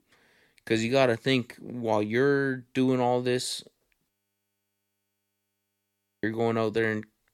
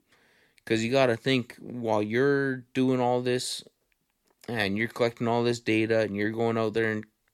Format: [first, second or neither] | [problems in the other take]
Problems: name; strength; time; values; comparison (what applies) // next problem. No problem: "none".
second | audio freezing; at 4 s for 2 s